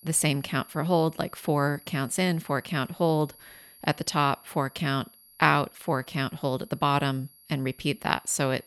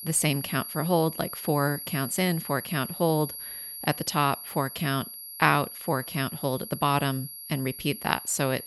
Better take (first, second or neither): first